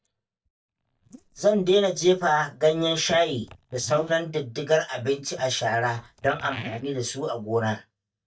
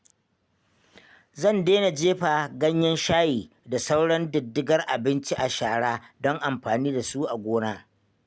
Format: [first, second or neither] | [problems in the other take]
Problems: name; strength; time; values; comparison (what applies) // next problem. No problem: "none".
second | noise reduction (neural mask model DeepFilterNet 3)